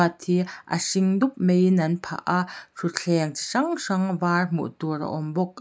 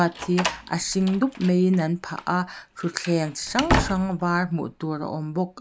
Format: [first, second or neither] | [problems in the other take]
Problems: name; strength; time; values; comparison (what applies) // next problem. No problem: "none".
first | background sound (Slam); 7 dB below the speech